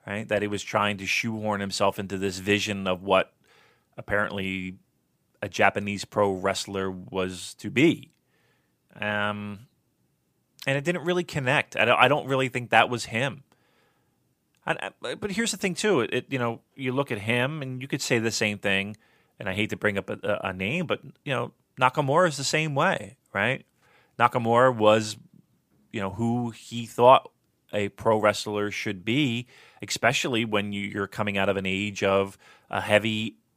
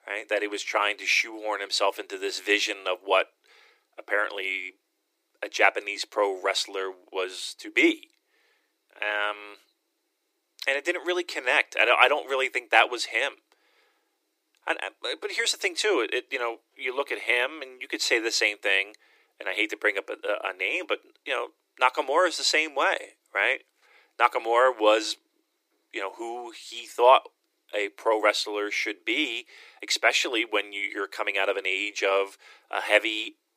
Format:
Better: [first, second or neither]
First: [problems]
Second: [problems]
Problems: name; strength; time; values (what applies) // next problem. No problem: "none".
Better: first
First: none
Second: thin; very; fading below 300 Hz